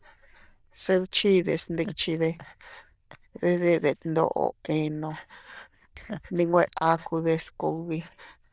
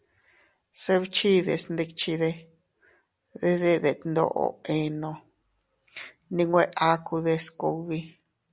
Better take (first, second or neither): second